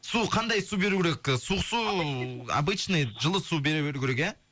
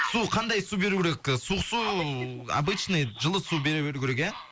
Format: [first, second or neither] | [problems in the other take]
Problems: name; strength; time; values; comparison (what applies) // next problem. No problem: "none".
first | background sound (Bird); 13 dB below the speech